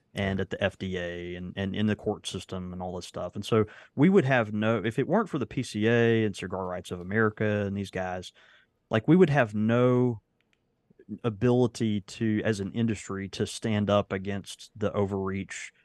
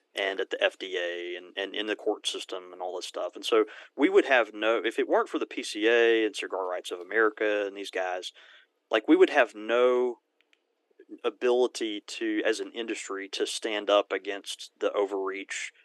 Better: first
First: none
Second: thin; very; fading below 300 Hz

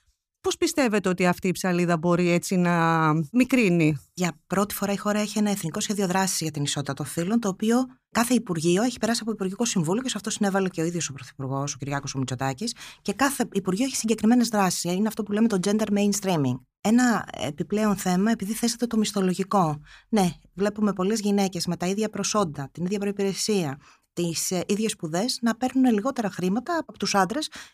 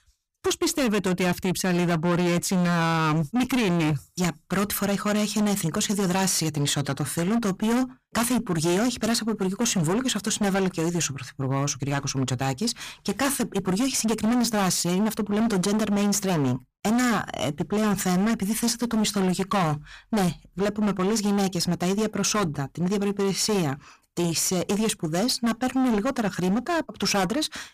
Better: first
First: none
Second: distortion; heavy; 22% of the sound clipped

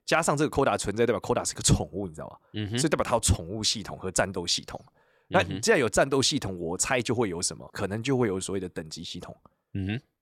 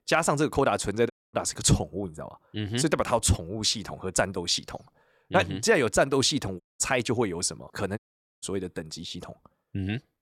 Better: first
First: none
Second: audio cutting out; at 1 s, at 6.5 s and at 8 s

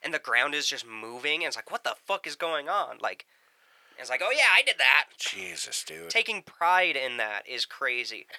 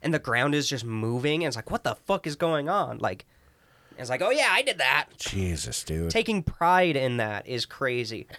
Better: second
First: thin; very; fading below 600 Hz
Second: none

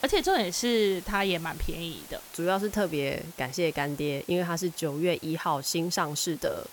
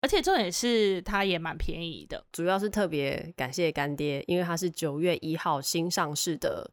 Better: second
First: hiss; noticeable; throughout; 15 dB below the speech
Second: none

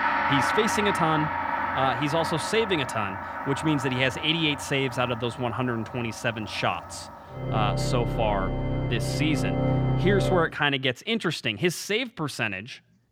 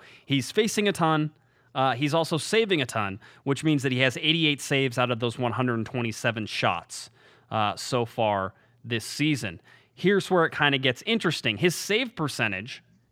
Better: second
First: background music; loud; until 10 s; 2 dB below the speech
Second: none

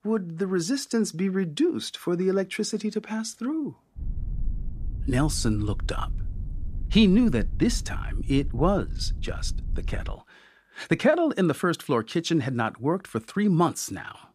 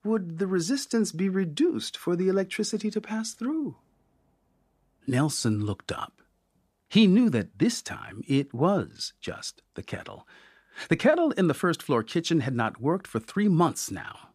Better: second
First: low rumble; faint; from 4 to 10 s; 25 dB below the speech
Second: none

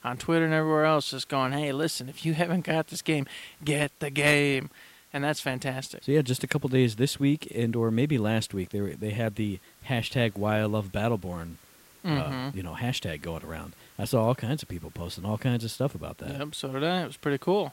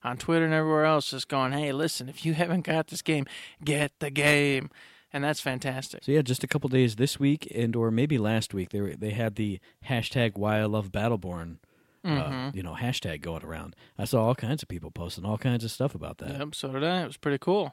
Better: second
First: hiss; faint; throughout; 25 dB below the speech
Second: none

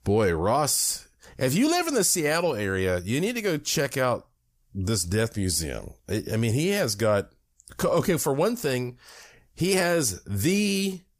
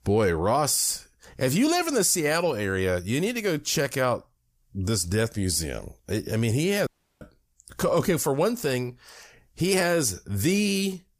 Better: first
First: none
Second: audio cutting out; at 7 s

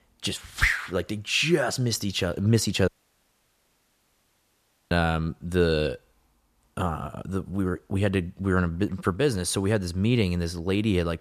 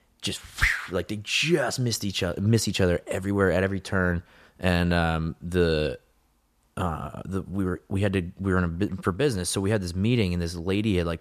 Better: second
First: audio cutting out; at 3 s for 2 s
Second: none

